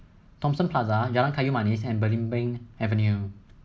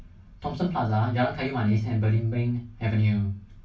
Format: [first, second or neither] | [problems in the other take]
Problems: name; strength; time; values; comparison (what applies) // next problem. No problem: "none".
first | room echo; dies away in 0.1 s